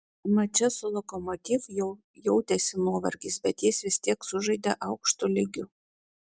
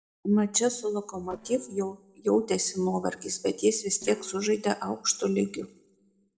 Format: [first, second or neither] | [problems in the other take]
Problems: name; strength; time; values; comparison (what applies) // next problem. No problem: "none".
first | noise reduction (neural separator model SepFormer DNS4)